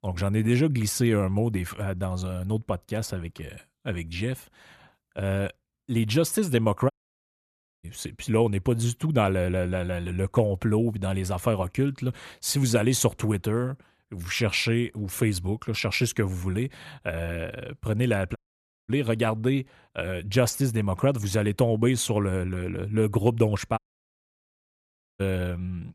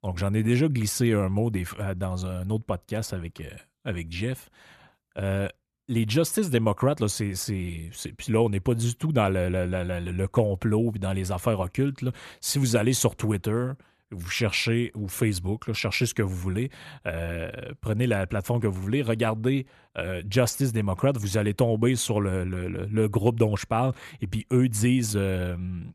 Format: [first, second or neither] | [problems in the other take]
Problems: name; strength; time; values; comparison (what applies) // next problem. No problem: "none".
second | audio cutting out; at 7 s for 1 s, at 18 s for 0.5 s and at 24 s for 1.5 s